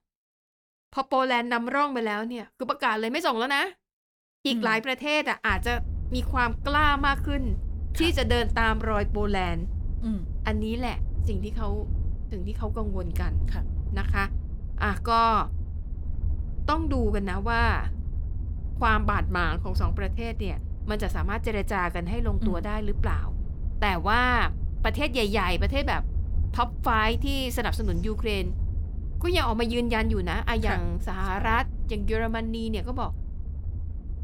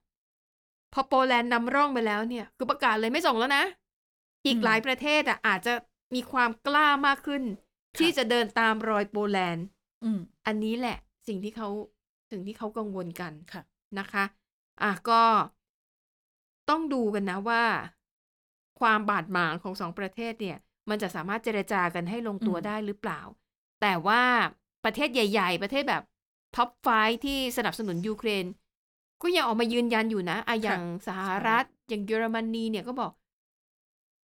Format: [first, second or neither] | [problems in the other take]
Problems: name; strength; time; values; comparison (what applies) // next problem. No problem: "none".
second | low rumble; faint; from 5.5 s on; 20 dB below the speech